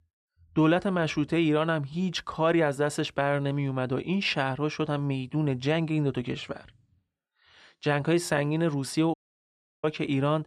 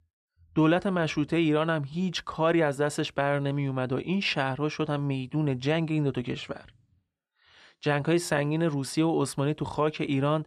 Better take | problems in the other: second | audio cutting out; at 9 s for 0.5 s

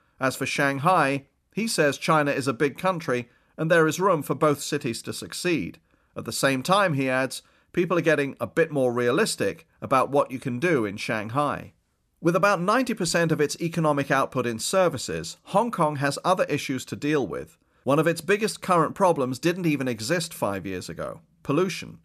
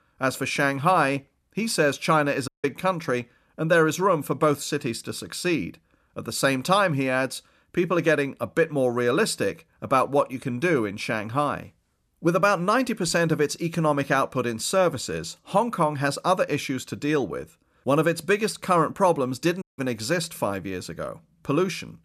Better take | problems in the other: first | audio cutting out; at 2.5 s and at 20 s

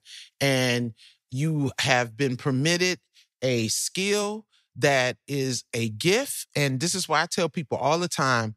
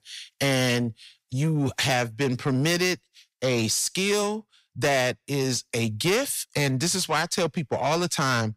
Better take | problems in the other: first | distortion; slight; 10 dB below the speech

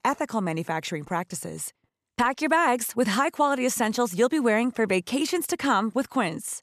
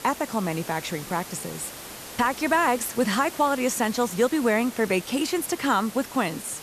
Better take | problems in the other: first | hiss; noticeable; throughout; 15 dB below the speech

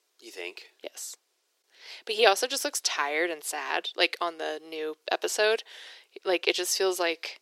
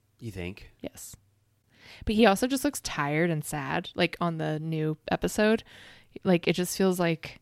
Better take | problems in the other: second | thin; very; fading below 350 Hz

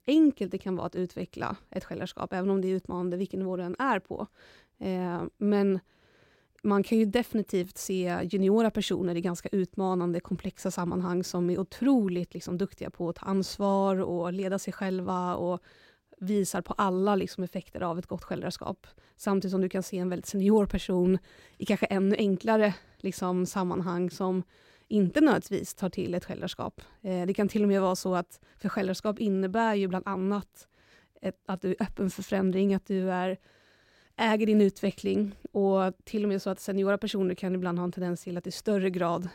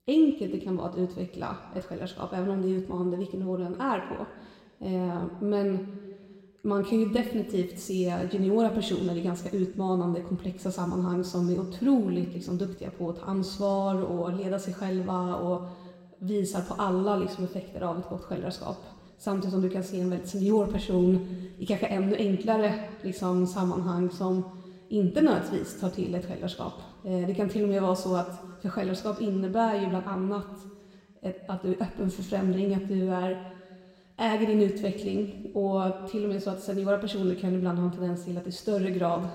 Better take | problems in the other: first | room echo; slight; dies away in 1.3 s

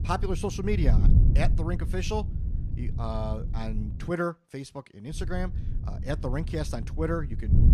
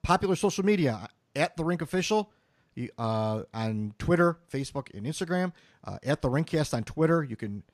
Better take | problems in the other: second | wind noise on the microphone; heavy; until 4 s and from 5 s on; 10 dB below the speech

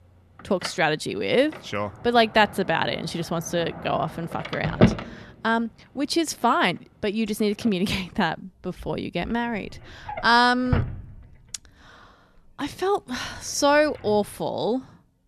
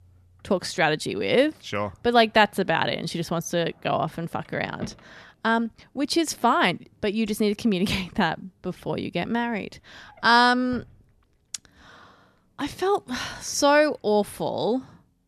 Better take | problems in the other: second | household noises; loud; throughout; 6 dB below the speech; faint in the second

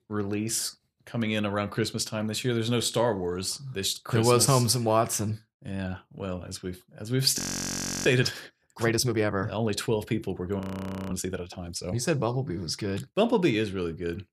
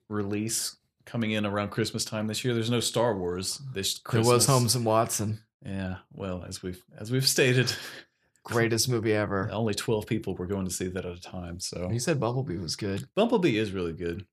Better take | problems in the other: second | audio freezing; at 7.5 s for 0.5 s and at 11 s for 0.5 s

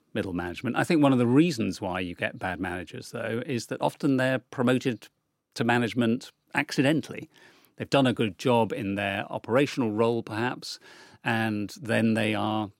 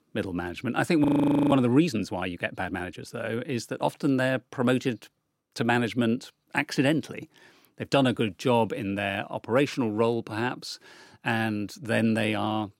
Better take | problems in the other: first | audio freezing; at 1 s

